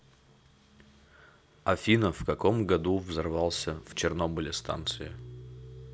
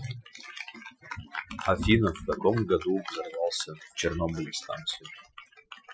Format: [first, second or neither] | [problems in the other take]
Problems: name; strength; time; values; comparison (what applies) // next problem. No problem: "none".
first | noise reduction (classical method Wiener filter)